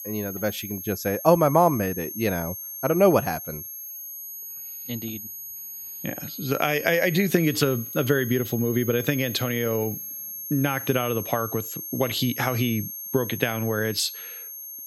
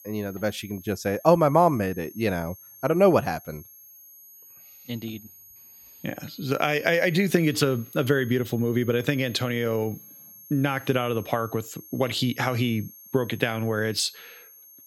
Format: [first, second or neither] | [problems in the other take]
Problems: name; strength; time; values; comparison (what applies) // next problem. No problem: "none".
second | high-pitched whine; loud; throughout; 11.5 kHz, 9 dB below the speech; faint in the second